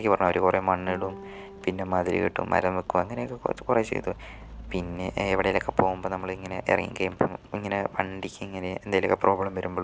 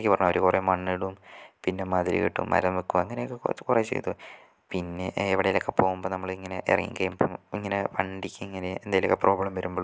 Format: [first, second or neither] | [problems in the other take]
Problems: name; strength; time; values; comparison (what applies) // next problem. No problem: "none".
second | background sound (Guitar + Rain); 18 dB below the speech